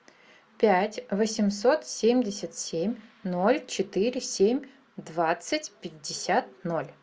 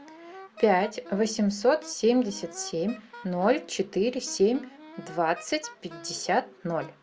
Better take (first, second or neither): first